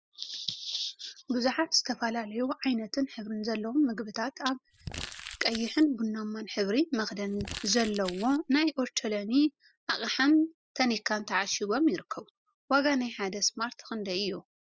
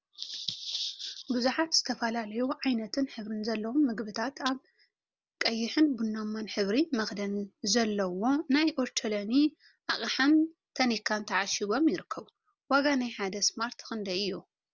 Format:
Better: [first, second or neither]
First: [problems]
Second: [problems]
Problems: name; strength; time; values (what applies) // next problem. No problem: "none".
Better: second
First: noise reduction (classical method spectral subtraction)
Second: none